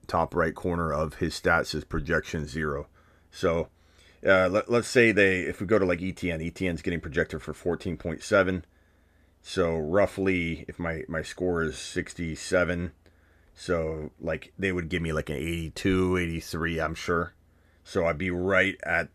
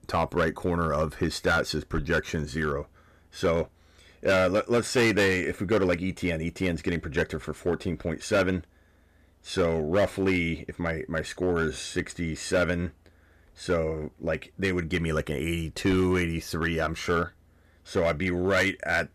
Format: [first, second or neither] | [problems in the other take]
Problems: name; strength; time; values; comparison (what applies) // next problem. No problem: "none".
first | distortion; slight; 4% of the sound clipped